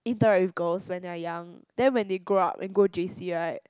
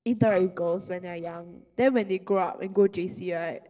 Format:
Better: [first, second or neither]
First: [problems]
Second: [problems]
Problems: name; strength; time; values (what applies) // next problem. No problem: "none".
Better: first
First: none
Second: noise reduction (neural separator model SepFormer DNS4)